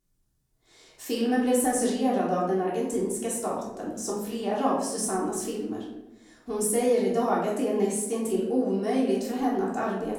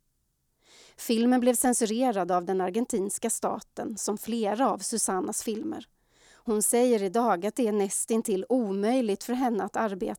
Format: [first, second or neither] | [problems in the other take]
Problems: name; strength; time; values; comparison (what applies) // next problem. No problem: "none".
second | off-mic speech; far // room echo; noticeable; dies away in 0.8 s